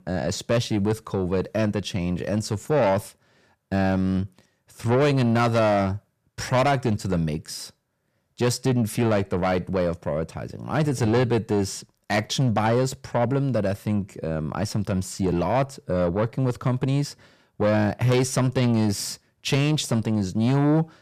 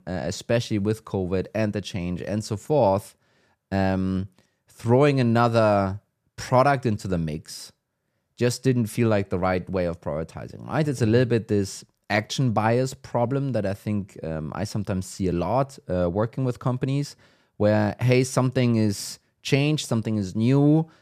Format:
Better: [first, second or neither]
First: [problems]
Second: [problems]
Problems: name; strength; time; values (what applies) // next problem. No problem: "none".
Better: second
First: distortion; slight; 10 dB below the speech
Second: none